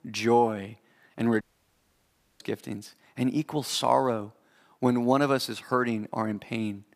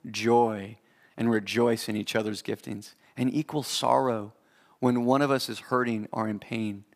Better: second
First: audio cutting out; at 1.5 s for 1 s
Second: none

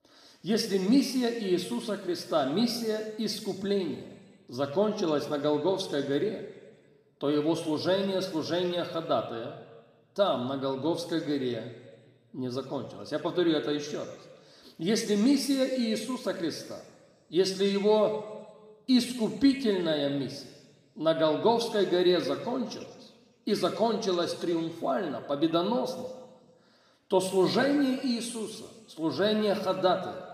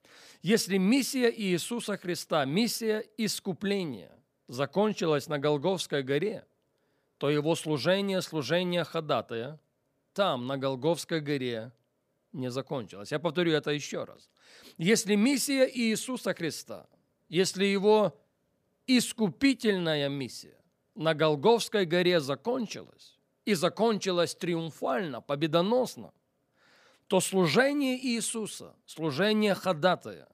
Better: second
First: room echo; slight; dies away in 1.2 s // off-mic speech; somewhat distant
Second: none

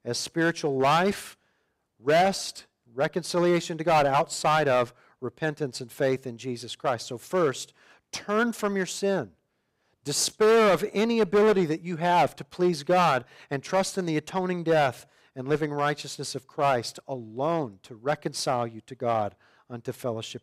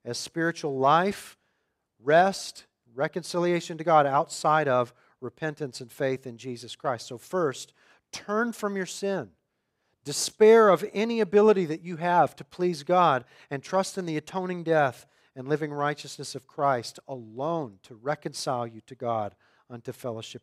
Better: second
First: distortion; heavy; 5% of the sound clipped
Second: none

